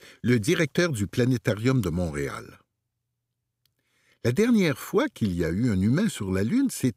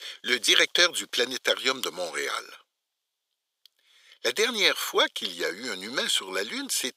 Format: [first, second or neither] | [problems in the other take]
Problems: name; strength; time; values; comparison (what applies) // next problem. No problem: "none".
first | thin; very; fading below 550 Hz